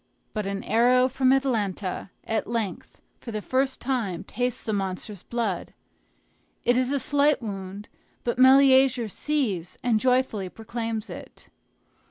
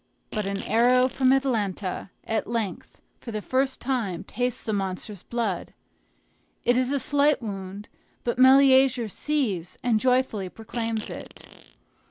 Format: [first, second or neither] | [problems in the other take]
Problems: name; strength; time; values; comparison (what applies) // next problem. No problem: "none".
first | background sound (Fart); 16 dB below the speech